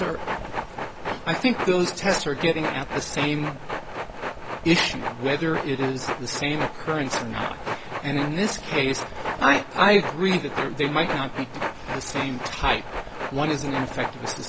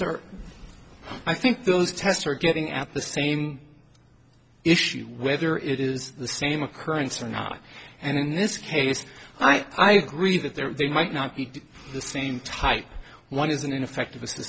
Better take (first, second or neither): second